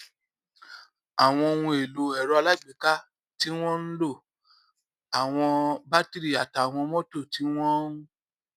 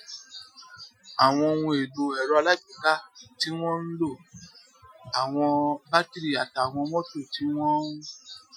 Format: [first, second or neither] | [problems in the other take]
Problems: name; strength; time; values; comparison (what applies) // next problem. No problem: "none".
first | noise reduction (classical method Wiener filter)